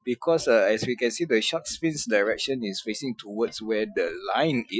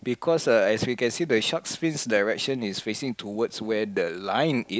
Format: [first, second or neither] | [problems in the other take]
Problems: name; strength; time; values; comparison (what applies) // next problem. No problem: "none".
second | noise reduction (classical method Wiener filter)